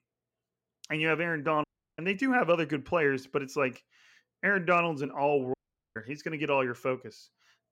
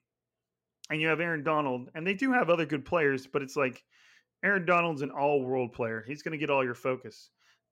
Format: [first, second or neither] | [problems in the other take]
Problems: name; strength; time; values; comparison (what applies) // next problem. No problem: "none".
second | audio cutting out; at 1.5 s and at 5.5 s